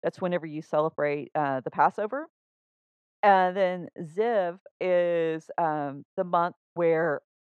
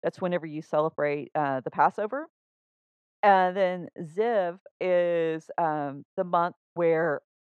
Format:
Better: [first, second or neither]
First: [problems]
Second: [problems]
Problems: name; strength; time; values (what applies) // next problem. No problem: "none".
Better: neither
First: muffled; very; fading above 3.5 kHz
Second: muffled; very; fading above 3.5 kHz